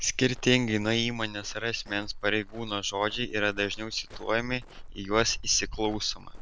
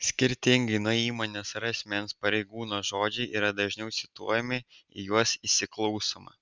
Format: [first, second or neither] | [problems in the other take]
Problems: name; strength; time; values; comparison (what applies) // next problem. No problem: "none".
second | background sound (Walk, footsteps + Wind); 12 dB below the speech